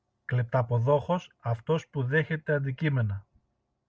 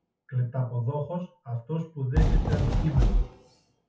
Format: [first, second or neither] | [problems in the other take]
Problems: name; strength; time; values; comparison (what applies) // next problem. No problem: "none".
first | noise reduction (classical method WPE with log-MMSE)